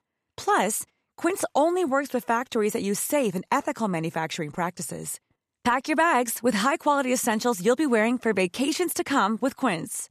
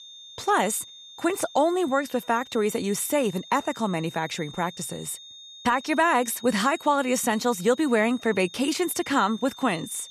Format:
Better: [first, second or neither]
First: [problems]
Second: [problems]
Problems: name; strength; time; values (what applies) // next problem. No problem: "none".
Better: first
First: none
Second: high-pitched whine; noticeable; throughout; 3.5 kHz, 20 dB below the speech